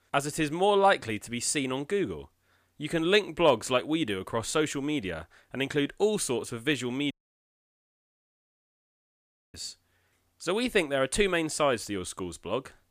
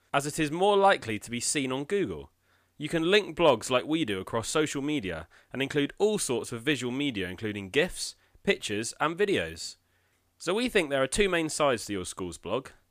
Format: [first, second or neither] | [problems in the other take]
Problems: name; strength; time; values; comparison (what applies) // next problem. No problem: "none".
second | audio cutting out; at 7 s for 2.5 s